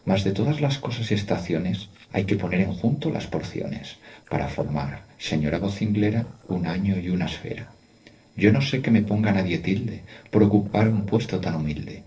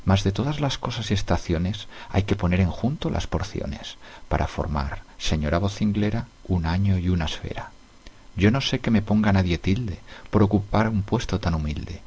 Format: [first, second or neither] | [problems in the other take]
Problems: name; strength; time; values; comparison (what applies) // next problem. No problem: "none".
second | noise reduction (neural separator model SepFormer DNS4)